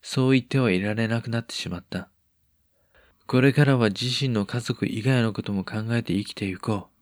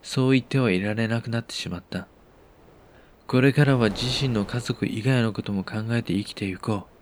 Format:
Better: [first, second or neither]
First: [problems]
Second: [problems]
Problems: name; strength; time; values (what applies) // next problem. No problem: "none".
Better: first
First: none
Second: wind noise on the microphone; occasional gusts; 20 dB below the speech